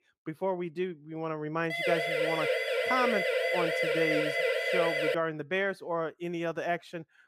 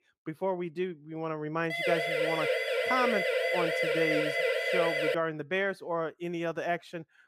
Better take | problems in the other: neither | siren; loud; from 1.5 to 5 s; peak 5 dB above the speech; the same in both

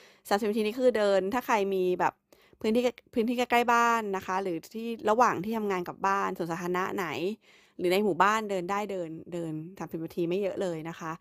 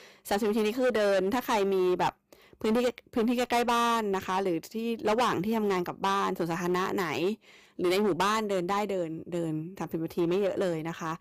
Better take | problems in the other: first | distortion; heavy; 11% of the sound clipped

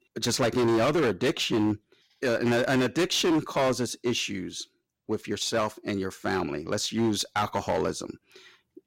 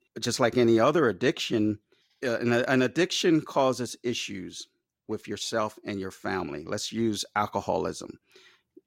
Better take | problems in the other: second | distortion; heavy; 11% of the sound clipped

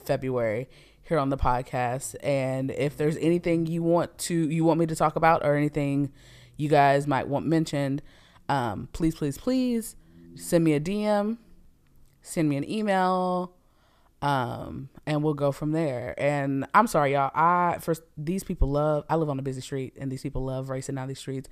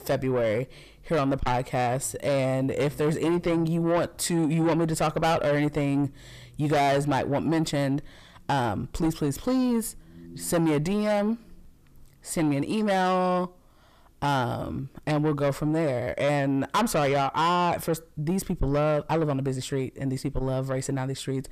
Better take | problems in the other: first | distortion; heavy; 8 dB below the speech

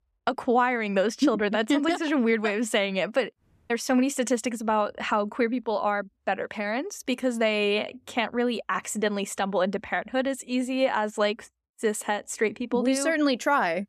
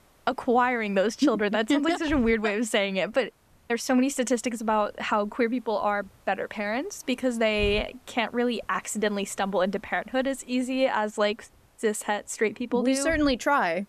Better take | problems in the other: first | hiss; faint; throughout; 25 dB below the speech

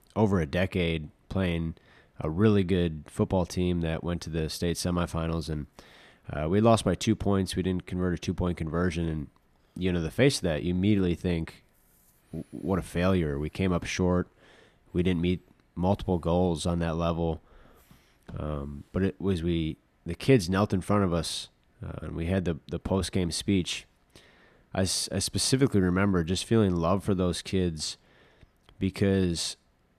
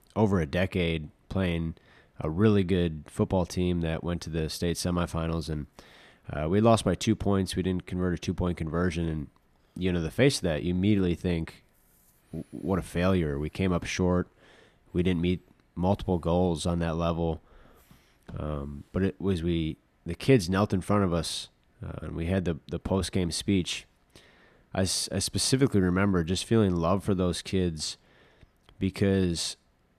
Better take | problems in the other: neither | none

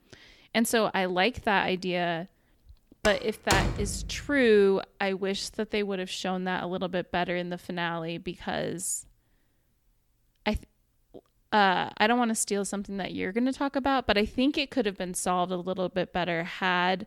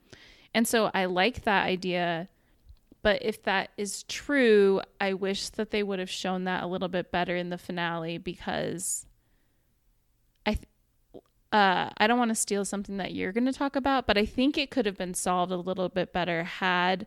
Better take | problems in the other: second | door banging; loud; from 3 to 4 s; peak level with the speech

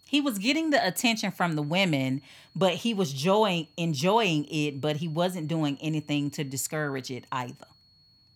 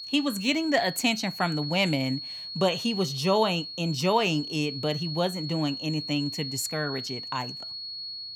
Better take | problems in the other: first | high-pitched whine; loud; throughout; 4.5 kHz, 7 dB below the speech; faint in the first

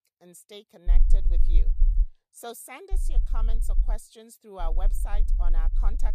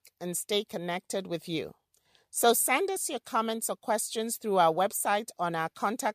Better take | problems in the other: second | low rumble; noticeable; from 1 to 2 s, from 3 to 4 s and from 4.5 s on; 10 dB below the speech

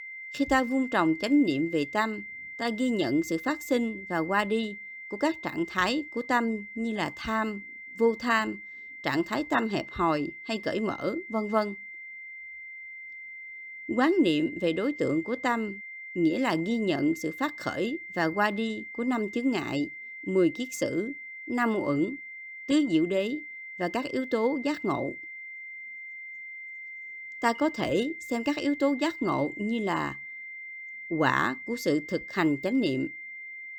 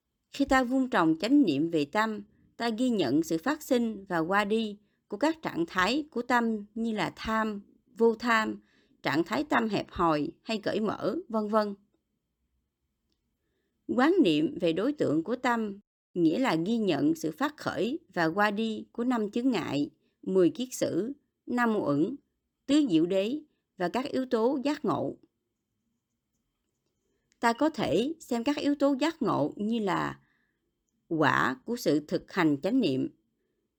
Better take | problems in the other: second | high-pitched whine; noticeable; throughout; 2 kHz, 10 dB below the speech

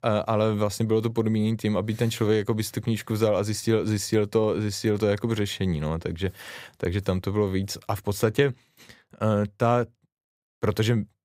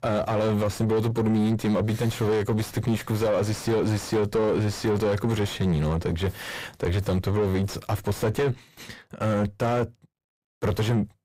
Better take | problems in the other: first | distortion; heavy; 5 dB below the speech

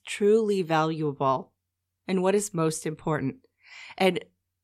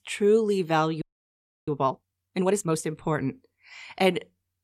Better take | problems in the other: first | audio freezing; at 1 s for 0.5 s

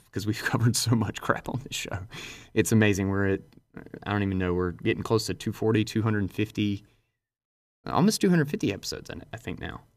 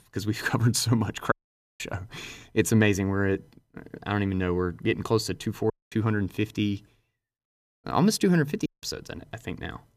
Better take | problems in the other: first | audio cutting out; at 1.5 s, at 5.5 s and at 8.5 s

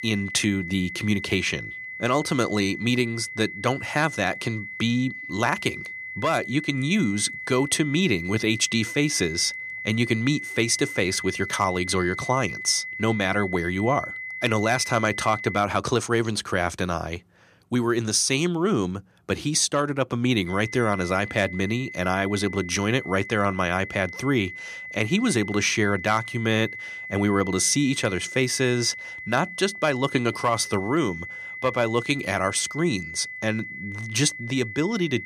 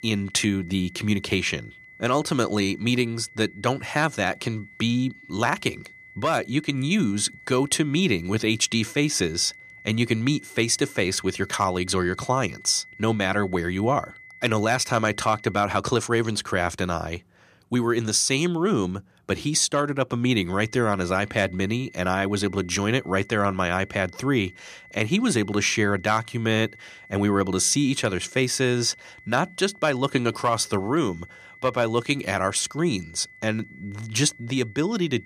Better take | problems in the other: second | high-pitched whine; loud; until 16 s and from 20 s on; 2 kHz, 9 dB below the speech; faint in the second

